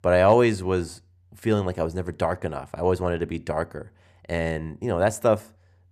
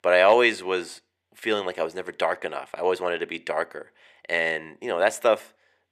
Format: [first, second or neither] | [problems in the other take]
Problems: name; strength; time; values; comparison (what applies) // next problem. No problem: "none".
first | thin; very; fading below 450 Hz